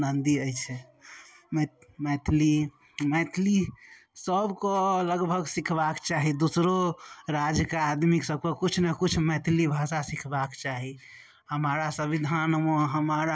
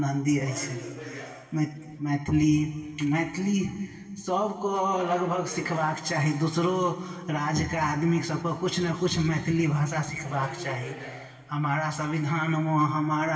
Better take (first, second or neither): first